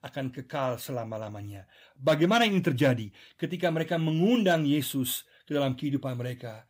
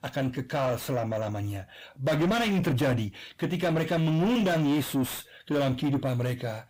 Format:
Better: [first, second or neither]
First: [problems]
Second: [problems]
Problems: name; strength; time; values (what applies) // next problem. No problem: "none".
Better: first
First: none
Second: distortion; heavy; 6 dB below the speech